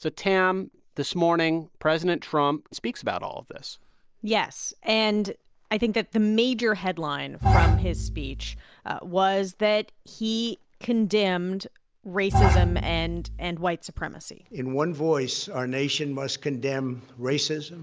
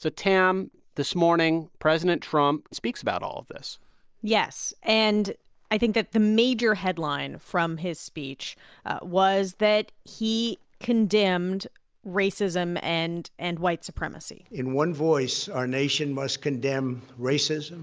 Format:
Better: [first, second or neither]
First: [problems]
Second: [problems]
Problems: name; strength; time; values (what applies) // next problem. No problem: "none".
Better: second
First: background sound (Bowed string instrument); 4 dB above the speech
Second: none